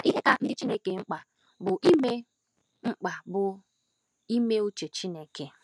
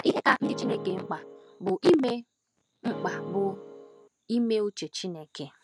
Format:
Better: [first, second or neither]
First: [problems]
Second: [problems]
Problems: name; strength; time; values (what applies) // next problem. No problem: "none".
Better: first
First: none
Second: background sound (Keyboard (musical)); 9 dB below the speech